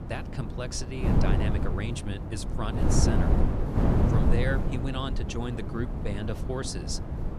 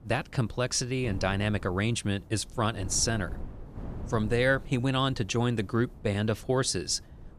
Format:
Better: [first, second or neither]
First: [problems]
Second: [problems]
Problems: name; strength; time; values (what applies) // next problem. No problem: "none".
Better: second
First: wind noise on the microphone; heavy; as loud as the speech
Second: wind noise on the microphone; occasional gusts; 20 dB below the speech